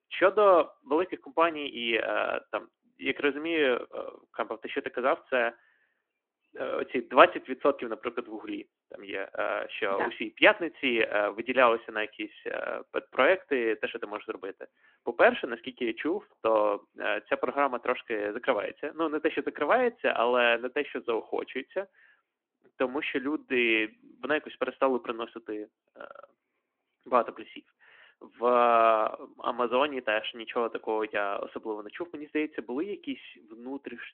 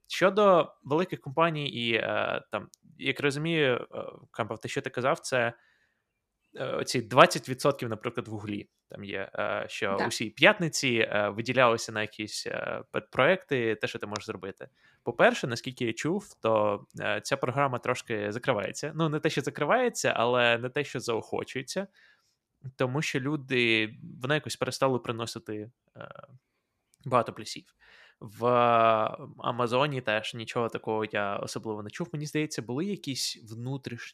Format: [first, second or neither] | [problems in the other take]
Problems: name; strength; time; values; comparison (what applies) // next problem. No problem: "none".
second | phone-call audio